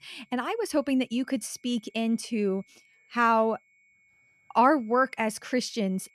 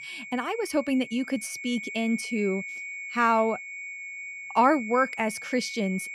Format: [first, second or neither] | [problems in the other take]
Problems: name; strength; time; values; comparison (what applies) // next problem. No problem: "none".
first | high-pitched whine; loud; throughout; 2 kHz, 9 dB below the speech; faint in the first